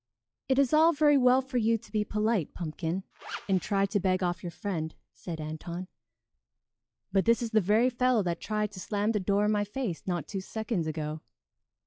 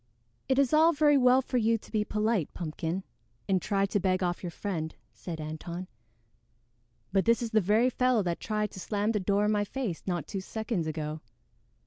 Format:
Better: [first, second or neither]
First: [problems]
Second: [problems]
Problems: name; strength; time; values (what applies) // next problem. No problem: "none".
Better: second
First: noise reduction (classical method log-MMSE)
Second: none